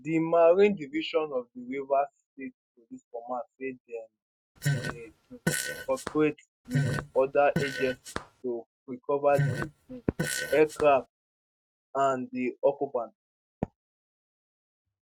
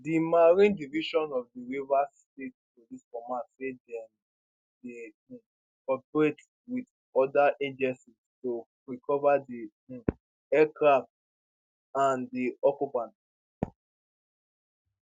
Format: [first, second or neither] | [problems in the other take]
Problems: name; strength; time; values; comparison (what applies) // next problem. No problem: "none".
second | noise reduction (neural mask model RNNoise)